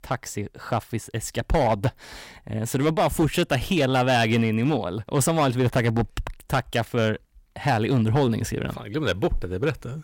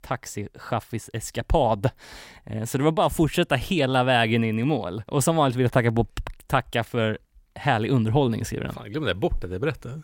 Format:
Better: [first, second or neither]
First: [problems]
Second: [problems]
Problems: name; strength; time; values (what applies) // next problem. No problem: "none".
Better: second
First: distortion; slight; 6% of the sound clipped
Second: none